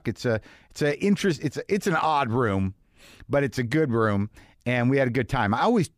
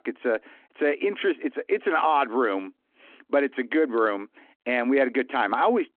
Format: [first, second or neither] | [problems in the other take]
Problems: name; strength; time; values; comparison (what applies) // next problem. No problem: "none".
first | phone-call audio